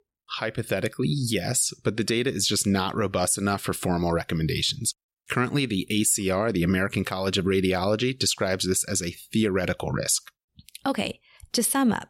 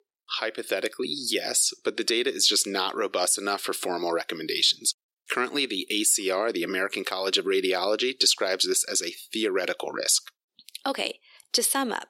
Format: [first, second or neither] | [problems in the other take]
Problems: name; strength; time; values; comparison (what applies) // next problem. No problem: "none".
first | thin; somewhat; fading below 350 Hz